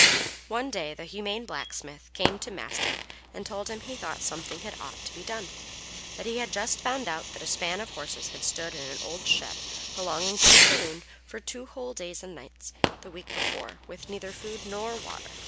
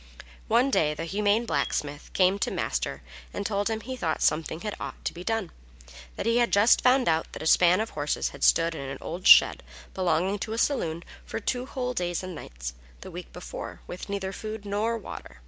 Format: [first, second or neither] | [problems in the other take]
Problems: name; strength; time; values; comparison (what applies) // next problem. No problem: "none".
second | background sound (Fireworks); 5 dB above the speech